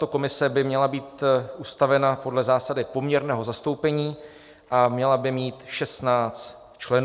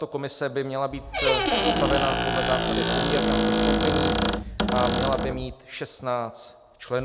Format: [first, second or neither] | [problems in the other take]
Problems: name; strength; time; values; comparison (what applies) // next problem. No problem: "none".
first | background sound (Squeak); 3 dB above the speech